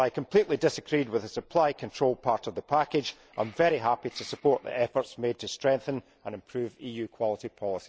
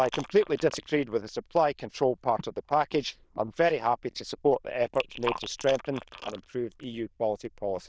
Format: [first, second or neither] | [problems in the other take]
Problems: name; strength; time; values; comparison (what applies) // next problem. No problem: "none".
first | noise reduction (neural diffusion model UNIVERSE++)